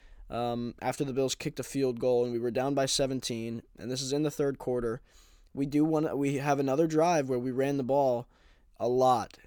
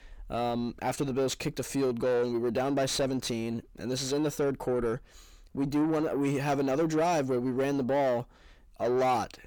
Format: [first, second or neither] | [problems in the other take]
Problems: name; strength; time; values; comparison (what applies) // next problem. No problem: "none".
first | distortion; slight; 9 dB below the speech